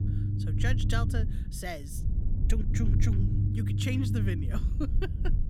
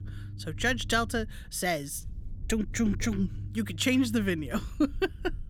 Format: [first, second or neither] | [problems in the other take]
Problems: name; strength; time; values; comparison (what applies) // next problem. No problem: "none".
second | low rumble; loud; throughout; 4 dB below the speech; faint in the second